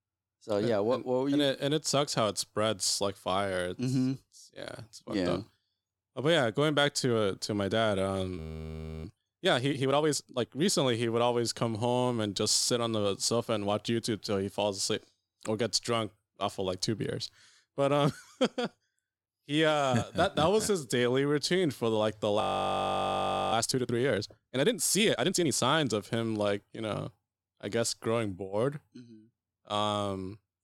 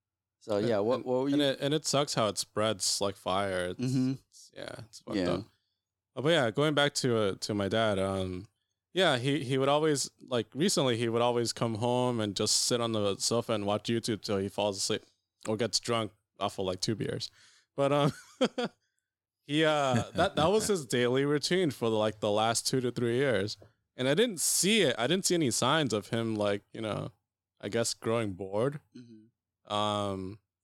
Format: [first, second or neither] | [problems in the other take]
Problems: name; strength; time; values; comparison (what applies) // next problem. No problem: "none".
second | audio freezing; at 8.5 s for 0.5 s and at 22 s for 1 s